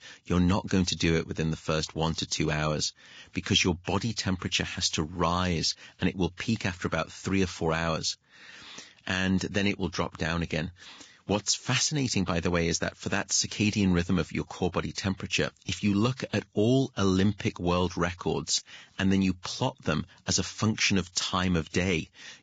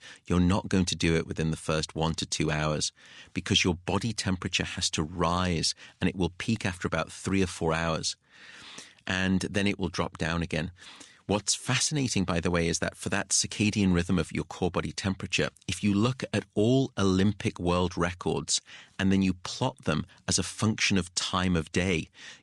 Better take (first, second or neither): second